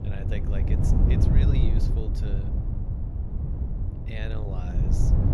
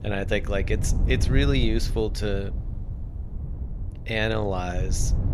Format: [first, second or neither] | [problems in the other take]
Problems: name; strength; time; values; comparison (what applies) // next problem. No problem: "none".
second | wind noise on the microphone; heavy; 3 dB above the speech; occasional gusts in the second